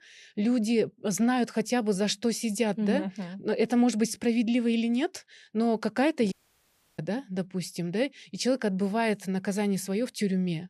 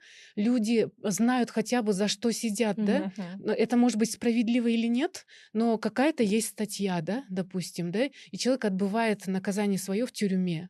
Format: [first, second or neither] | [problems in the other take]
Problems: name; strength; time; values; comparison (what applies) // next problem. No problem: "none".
second | audio cutting out; at 6.5 s for 0.5 s